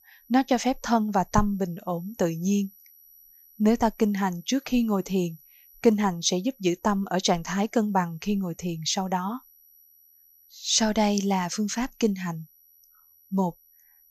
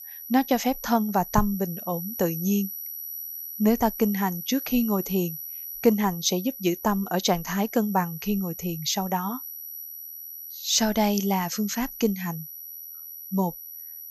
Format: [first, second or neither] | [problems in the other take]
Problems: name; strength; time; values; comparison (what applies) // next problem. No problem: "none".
first | high-pitched whine; loud; throughout; 12 kHz, 10 dB below the speech; faint in the first